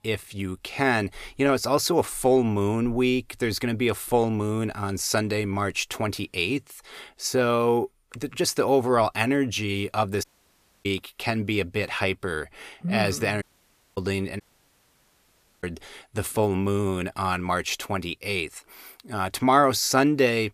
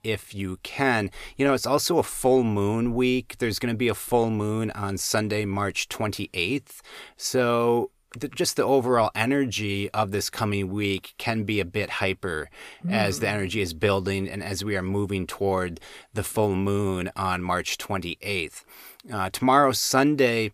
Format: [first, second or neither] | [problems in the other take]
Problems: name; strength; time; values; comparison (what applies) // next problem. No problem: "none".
second | audio cutting out; at 10 s for 0.5 s, at 13 s for 0.5 s and at 14 s for 1 s